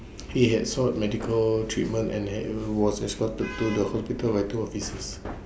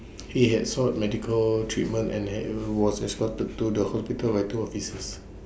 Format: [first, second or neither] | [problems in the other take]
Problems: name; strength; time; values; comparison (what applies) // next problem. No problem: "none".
second | background sound (Traffic noise, roadway noise / Vehicle horn, car horn, honking + Hammer); 16 dB below the speech